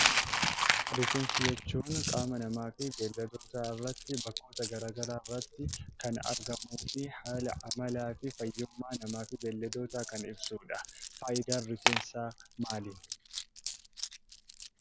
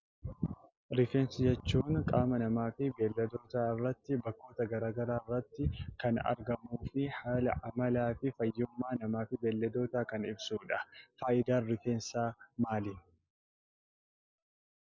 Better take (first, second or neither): second